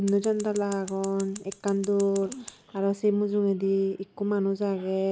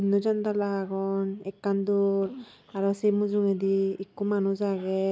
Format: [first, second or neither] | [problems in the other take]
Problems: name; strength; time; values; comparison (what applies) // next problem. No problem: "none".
second | background sound (Scissors); 18 dB below the speech